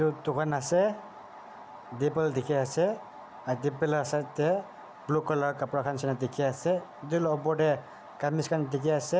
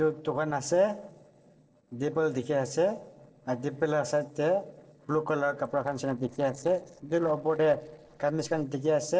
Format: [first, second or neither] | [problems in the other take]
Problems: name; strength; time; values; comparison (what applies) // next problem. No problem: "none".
first | noise reduction (neural separator model SepFormer DNS4)